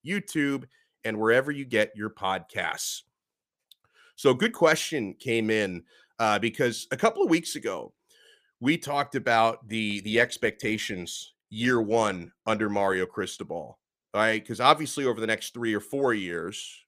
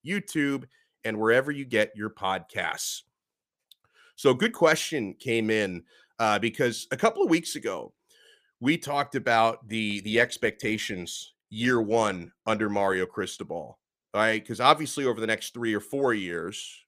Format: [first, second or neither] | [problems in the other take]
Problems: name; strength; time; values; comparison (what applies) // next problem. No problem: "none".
neither | none